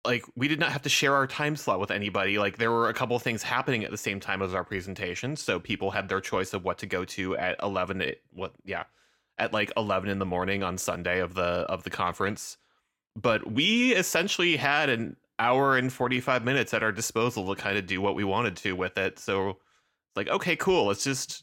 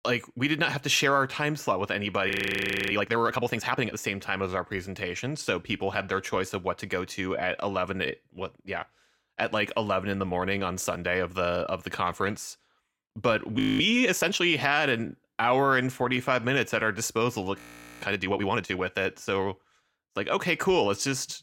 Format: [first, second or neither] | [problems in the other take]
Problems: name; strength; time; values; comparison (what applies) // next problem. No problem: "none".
first | audio freezing; at 2.5 s for 0.5 s, at 14 s and at 18 s